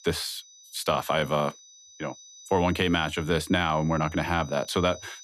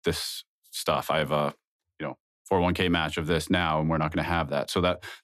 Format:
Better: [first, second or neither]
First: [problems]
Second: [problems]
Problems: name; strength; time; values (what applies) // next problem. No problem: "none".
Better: second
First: high-pitched whine; faint; throughout; 6 kHz, 20 dB below the speech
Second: none